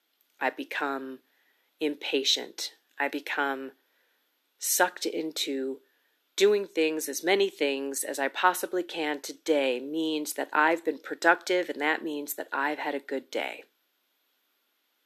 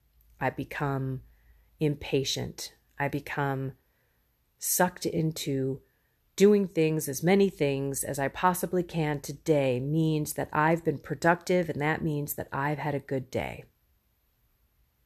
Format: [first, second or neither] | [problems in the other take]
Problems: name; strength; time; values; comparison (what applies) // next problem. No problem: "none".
second | thin; somewhat; fading below 250 Hz